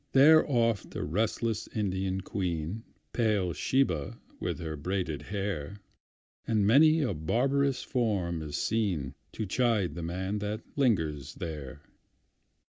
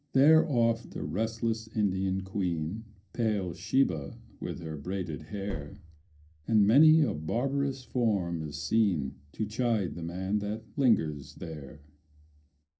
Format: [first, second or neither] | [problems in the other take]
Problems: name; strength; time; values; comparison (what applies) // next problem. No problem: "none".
first | background sound (Gunshot, gunfire); 12 dB below the speech // room echo; dies away in 0.3 s